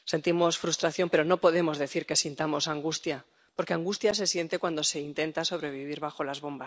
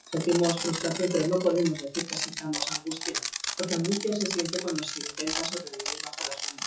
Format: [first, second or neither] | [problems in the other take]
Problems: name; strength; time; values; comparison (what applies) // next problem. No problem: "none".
first | noise reduction (classical method WPE with log-MMSE)